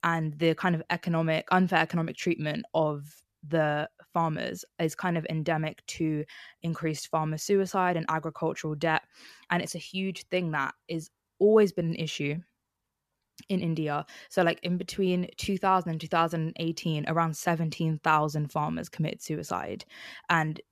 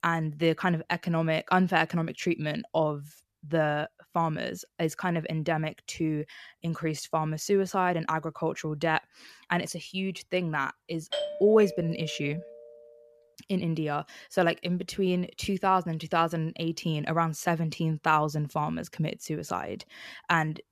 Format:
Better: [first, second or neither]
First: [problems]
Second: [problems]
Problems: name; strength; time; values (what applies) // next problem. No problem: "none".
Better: first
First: none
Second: doorbell; noticeable; from 11 to 13 s; peak 4 dB below the speech